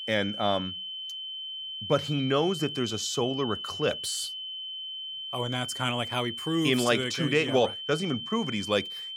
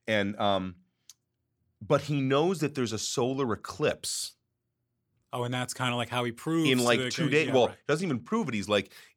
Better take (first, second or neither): second